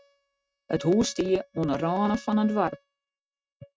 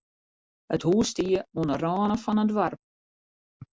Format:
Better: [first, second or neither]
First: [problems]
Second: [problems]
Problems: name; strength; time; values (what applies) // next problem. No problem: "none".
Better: second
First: noise reduction (neural mask model RNNoise)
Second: none